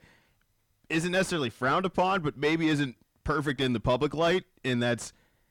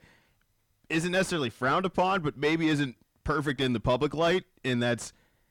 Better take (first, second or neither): neither